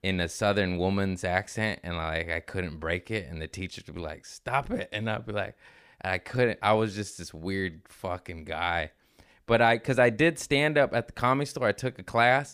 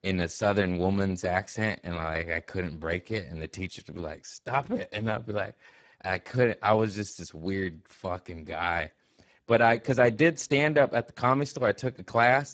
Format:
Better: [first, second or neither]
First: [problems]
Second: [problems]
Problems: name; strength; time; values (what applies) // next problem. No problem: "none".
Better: first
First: none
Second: garbled, watery; badly; nothing above 7.5 kHz